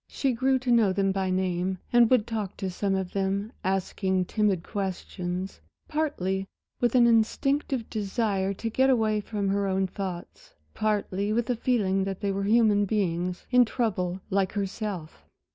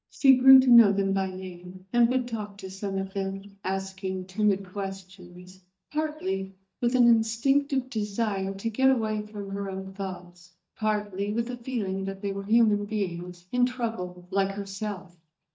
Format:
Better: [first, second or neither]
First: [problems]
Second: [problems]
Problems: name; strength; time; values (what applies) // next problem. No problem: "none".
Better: first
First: none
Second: noise reduction (neural mask model DeepFilterNet 3)